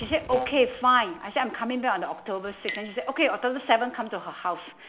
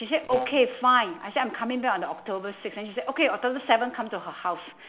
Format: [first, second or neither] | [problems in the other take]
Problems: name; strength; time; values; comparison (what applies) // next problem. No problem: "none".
second | background sound (Boom + Chink, clink); 19 dB below the speech